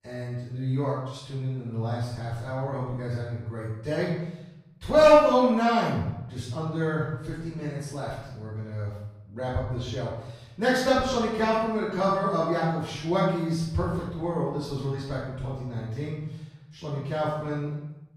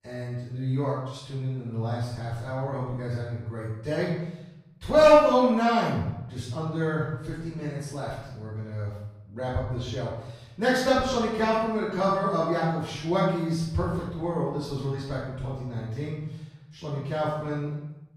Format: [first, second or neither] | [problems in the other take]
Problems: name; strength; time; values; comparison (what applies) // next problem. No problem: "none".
neither | room echo; noticeable; dies away in 0.8 s; the same in both // off-mic speech; far; the same in both